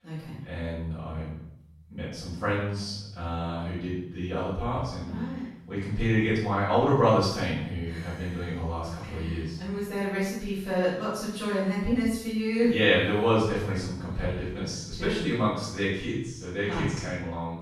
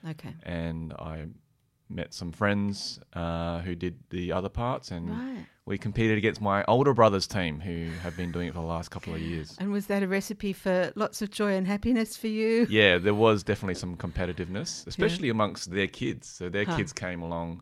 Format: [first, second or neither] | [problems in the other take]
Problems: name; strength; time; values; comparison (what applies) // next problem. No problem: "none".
second | room echo; strong; dies away in 0.7 s // off-mic speech; far